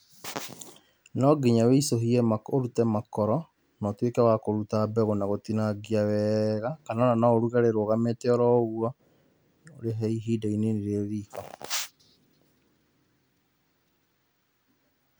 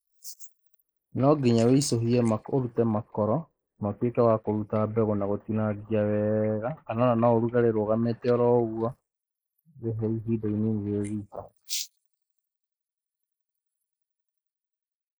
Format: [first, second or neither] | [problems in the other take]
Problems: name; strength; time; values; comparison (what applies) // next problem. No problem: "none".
first | noise reduction (neural mask model Resemble Enhance denoiser)